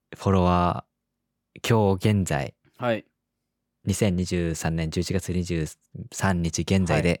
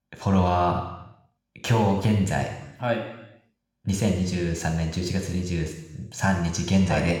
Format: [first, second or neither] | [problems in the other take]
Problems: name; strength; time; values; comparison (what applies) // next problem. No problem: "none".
first | room echo; noticeable; dies away in 0.9 s // off-mic speech; somewhat distant